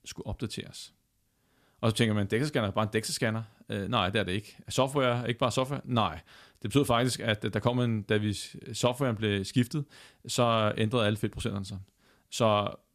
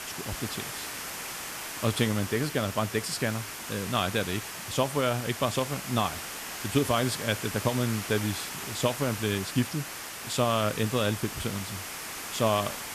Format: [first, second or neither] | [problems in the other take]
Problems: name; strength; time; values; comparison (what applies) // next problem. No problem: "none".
first | hiss; loud; throughout; 6 dB below the speech